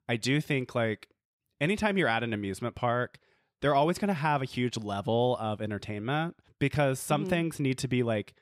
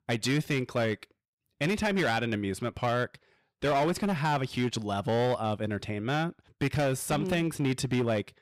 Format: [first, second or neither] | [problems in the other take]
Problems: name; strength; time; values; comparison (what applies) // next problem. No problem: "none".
first | distortion; slight; 10% of the sound clipped